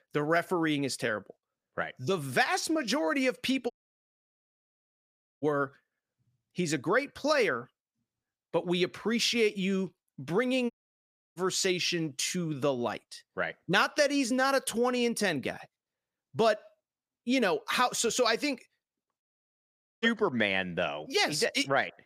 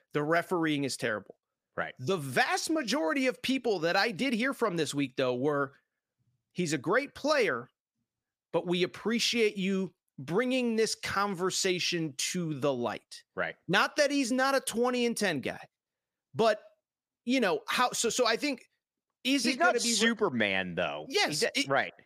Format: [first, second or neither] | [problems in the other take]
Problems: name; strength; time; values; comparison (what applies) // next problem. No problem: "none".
second | audio cutting out; at 3.5 s for 1.5 s, at 11 s for 0.5 s and at 19 s for 1 s